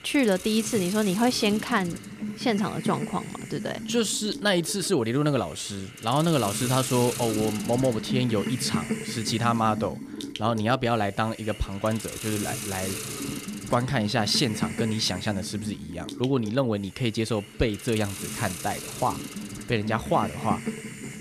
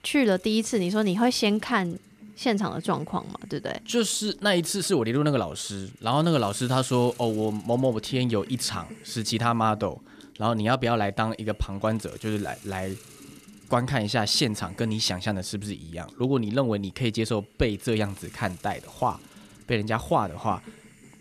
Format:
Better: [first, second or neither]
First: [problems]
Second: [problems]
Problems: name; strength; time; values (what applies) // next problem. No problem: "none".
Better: second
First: hiss; loud; throughout; 8 dB below the speech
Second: hiss; faint; throughout; 20 dB below the speech